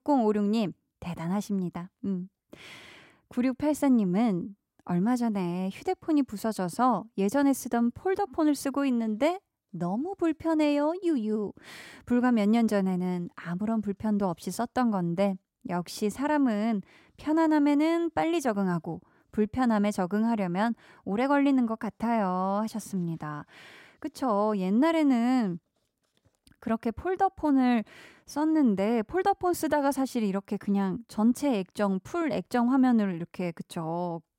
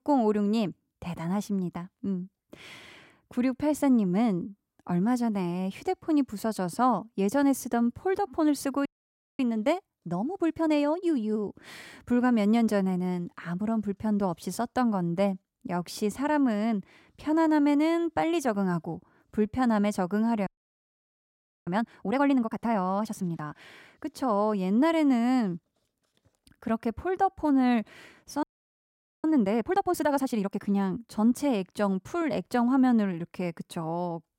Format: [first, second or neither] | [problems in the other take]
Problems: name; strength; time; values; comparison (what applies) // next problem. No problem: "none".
first | audio freezing; at 9 s for 0.5 s, at 20 s for 1 s and at 28 s for 1 s